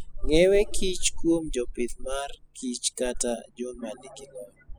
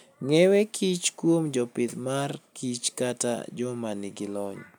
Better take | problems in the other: second | noise reduction (classical method spectral subtraction)

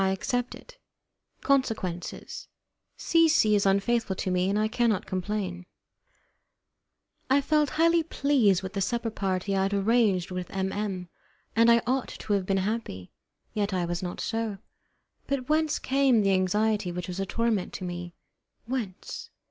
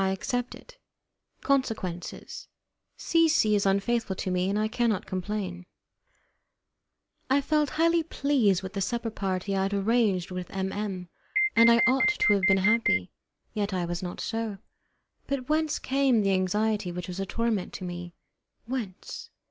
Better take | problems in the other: first | background sound (Alarm); 1 dB above the speech

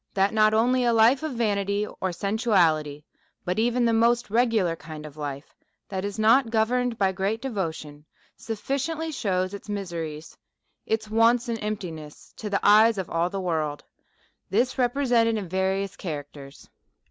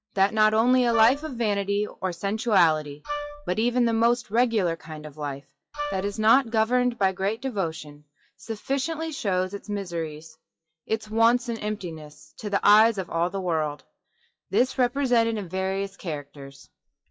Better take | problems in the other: first | noise reduction (classical method WPE with log-MMSE)

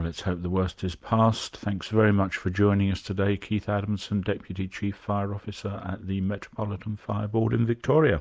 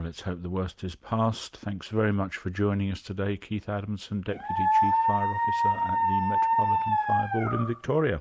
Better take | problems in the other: first | background sound (Dog); 5 dB above the speech

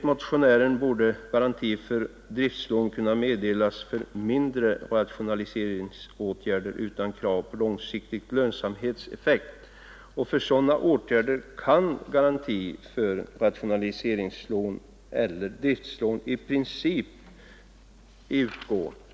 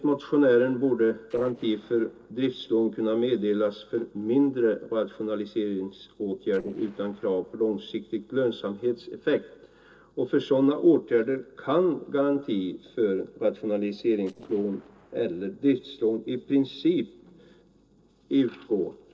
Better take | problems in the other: first | noise reduction (neural separator model SepFormer DNS4)

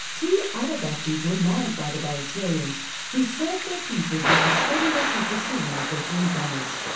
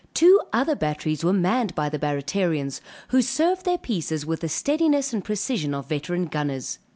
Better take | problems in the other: second | background sound (Thunder / Rain); 1 dB below the speech // room echo; dies away in 0.6 s

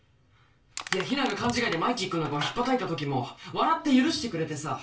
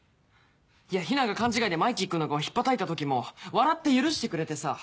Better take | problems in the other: second | background sound (Crushing); 11 dB below the speech // room echo; dies away in 0.3 s

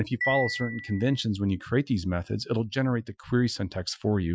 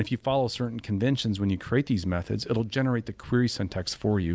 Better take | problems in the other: second | noise reduction (classical method Wiener filter)

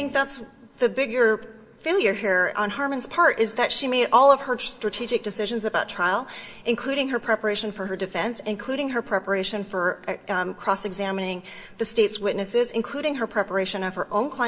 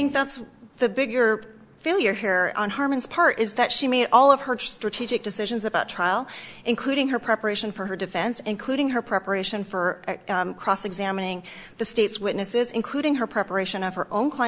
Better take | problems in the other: second | room echo; dies away in 1.2 s

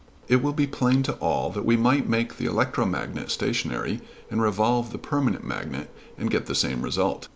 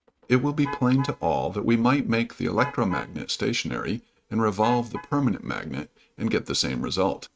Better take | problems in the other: first | noise reduction (neural mask model RNNoise)

